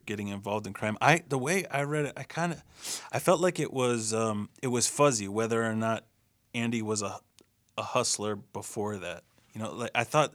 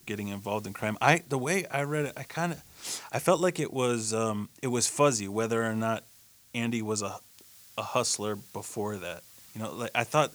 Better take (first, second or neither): first